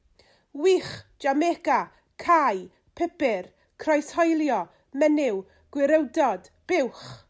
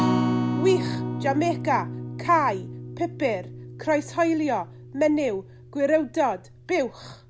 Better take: first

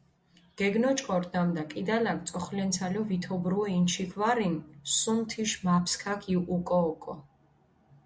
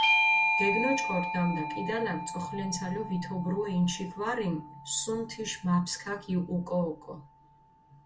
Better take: first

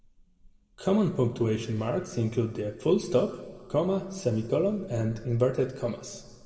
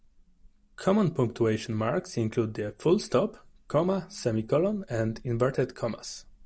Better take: second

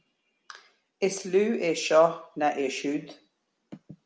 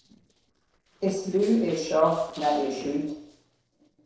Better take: first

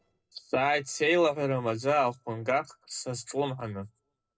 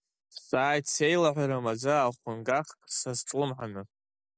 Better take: second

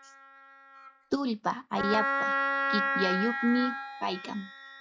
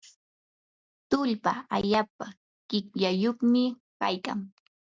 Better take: second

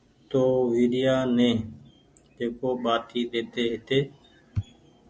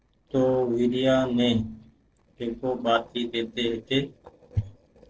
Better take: first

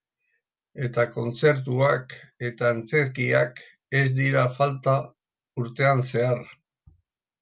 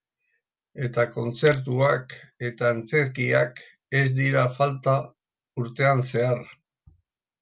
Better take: first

